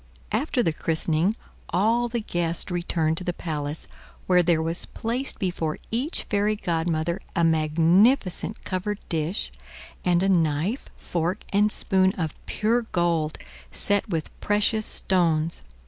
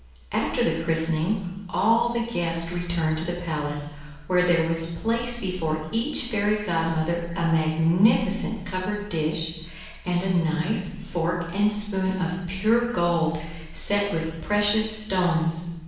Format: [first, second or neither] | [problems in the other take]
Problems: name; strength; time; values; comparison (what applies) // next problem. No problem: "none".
first | room echo; dies away in 0.9 s